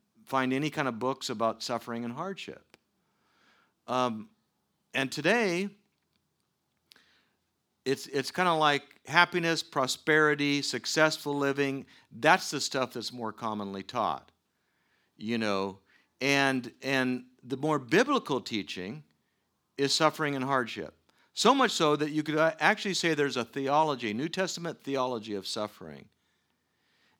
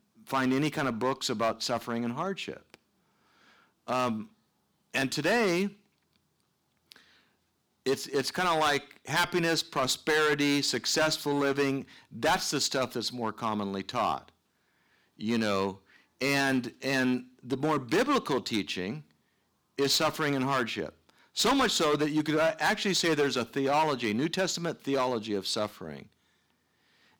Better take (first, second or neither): first